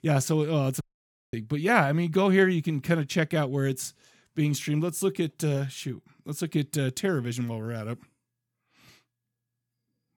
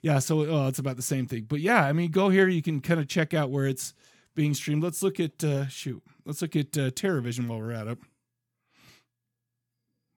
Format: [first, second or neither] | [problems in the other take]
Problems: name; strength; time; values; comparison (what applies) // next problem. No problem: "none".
second | audio cutting out; at 1 s for 0.5 s